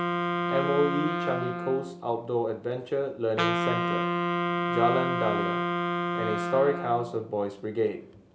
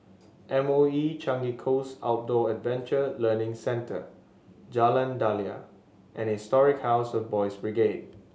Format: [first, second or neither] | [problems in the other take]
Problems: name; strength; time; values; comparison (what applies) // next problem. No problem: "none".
second | background sound (Wind instrument, woodwind instrument); as loud as the speech